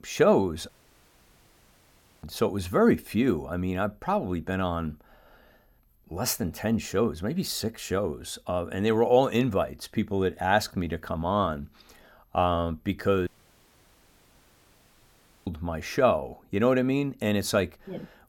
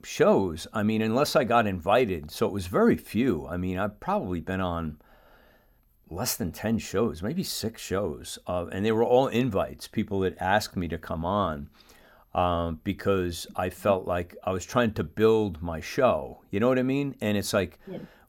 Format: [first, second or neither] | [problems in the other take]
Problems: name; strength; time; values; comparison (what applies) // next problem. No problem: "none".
second | audio cutting out; at 0.5 s for 1.5 s and at 13 s for 2 s